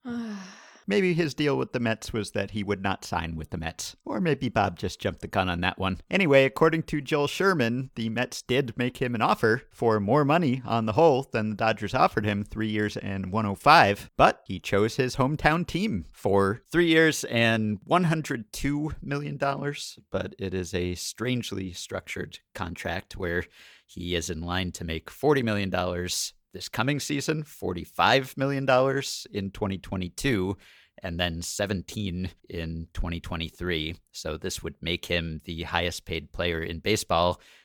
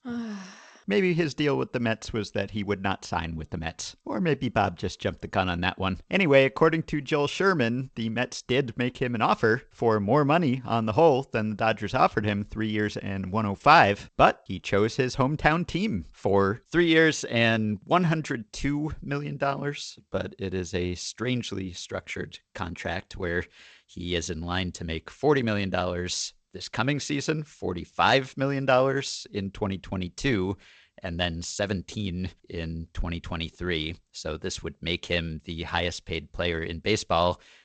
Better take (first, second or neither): first